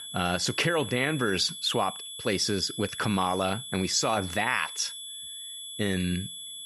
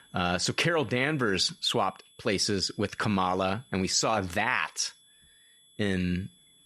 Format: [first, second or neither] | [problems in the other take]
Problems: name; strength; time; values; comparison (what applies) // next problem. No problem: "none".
second | high-pitched whine; loud; throughout; 3.5 kHz, 9 dB below the speech; faint in the second